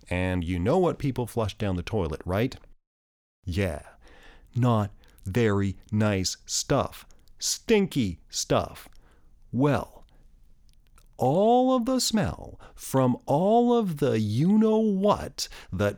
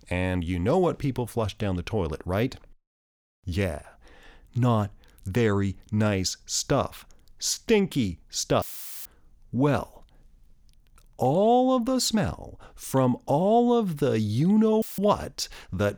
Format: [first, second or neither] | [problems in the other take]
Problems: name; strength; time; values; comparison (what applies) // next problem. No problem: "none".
first | audio cutting out; filled with static; at 8.5 s and at 15 s